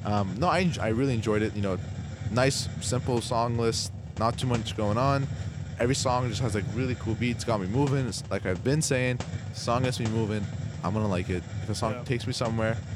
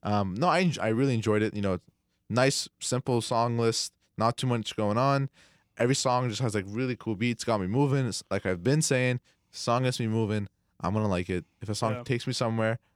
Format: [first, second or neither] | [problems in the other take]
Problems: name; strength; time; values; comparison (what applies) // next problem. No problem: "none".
second | hiss; loud; throughout; 8 dB below the speech